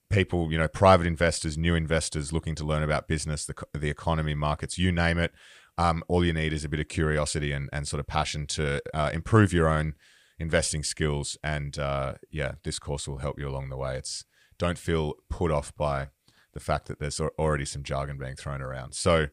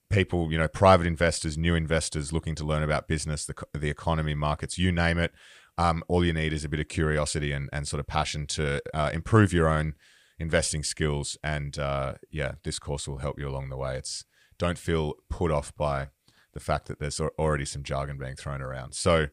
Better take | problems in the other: neither | none

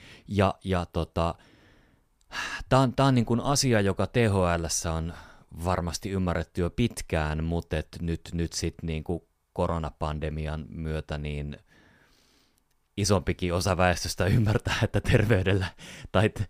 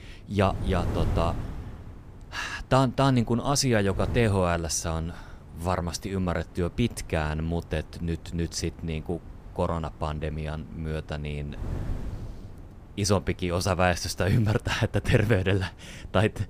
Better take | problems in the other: first | wind noise on the microphone; occasional gusts; 20 dB below the speech

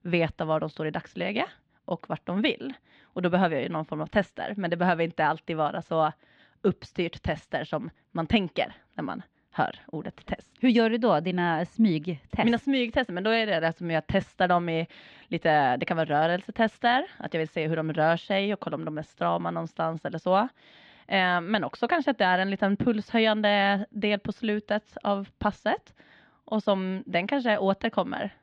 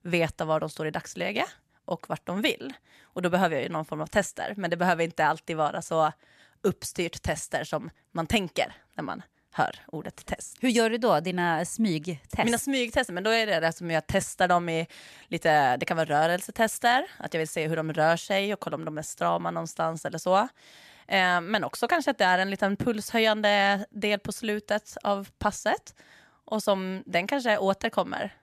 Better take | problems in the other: second | muffled; slightly; fading above 3.5 kHz

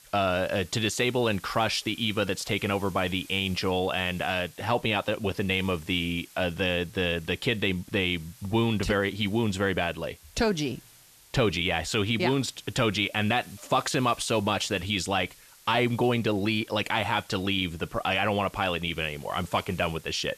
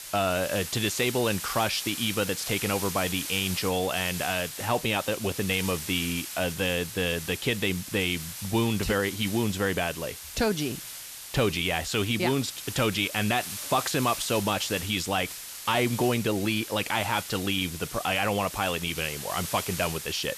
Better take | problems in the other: first | hiss; loud; throughout; 8 dB below the speech; faint in the first

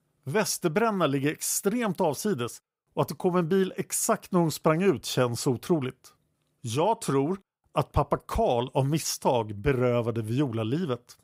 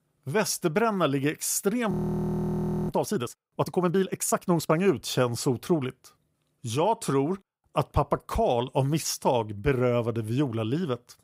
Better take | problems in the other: first | audio freezing; at 2 s for 1 s

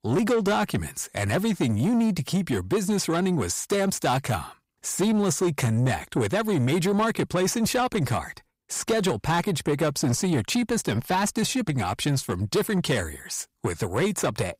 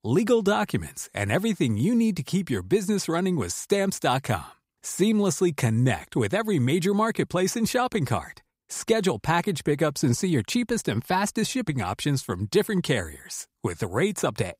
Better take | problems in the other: second | distortion; slight; 10 dB below the speech

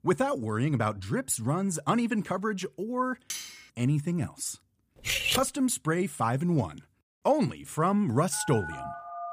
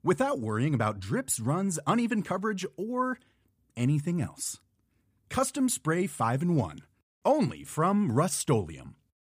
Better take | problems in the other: second | clattering dishes; noticeable; at 3.5 s; peak 8 dB below the speech // clattering dishes; loud; at 5 s; peak 3 dB above the speech // phone ringing; noticeable; from 8.5 s on; peak 9 dB below the speech

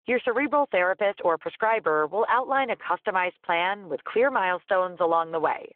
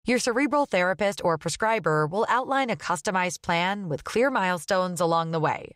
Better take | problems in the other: second | phone-call audio

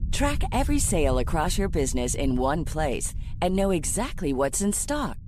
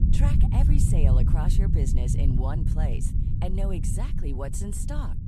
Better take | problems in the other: first | low rumble; loud; throughout; 1 dB below the speech; faint in the first

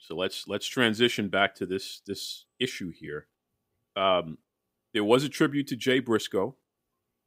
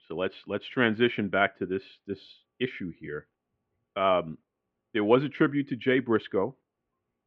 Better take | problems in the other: first | muffled; very; fading above 2.5 kHz

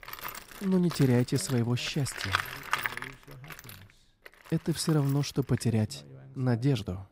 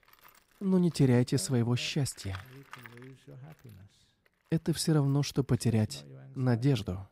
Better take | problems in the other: second | machinery noise; loud; throughout; 8 dB below the speech; faint in the second

